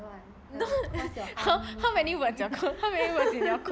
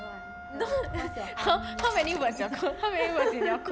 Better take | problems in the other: first | background sound (Shatter + Wind instrument, woodwind instrument); 12 dB below the speech

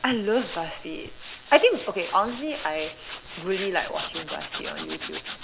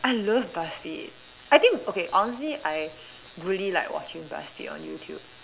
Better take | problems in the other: second | background sound (Tools); 12 dB below the speech

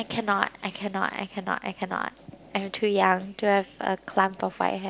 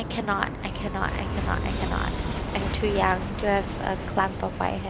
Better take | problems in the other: first | background sound (Chime + Aircraft); 1 dB below the speech

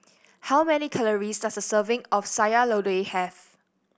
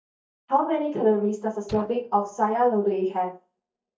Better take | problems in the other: first | noise reduction (neural mask model DeepFilterNet 3)

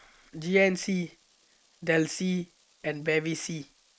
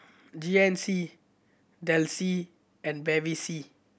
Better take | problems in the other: second | noise reduction (neural mask model Resemble Enhance denoiser)

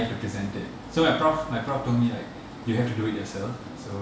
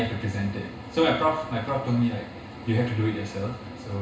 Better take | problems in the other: first | room echo; dies away in 0.2 s

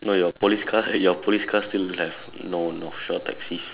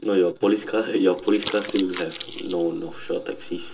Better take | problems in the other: first | background sound (Crumpling, crinkling); 12 dB below the speech // room echo; dies away in 0.2 s

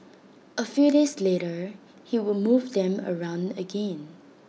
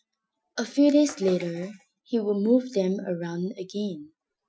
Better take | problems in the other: first | noise reduction (classical method Wiener filter)

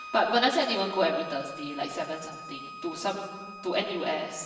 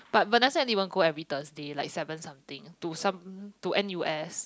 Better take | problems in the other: second | background sound (Bowed string instrument); 13 dB below the speech // room echo; dies away in 1.2 s

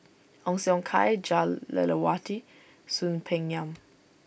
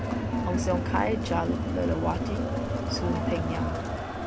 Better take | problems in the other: first | background sound (Crowd); 4 dB above the speech

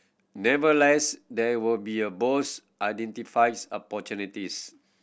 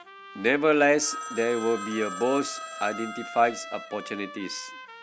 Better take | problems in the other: first | background sound (Trumpet + Telephone); 12 dB below the speech

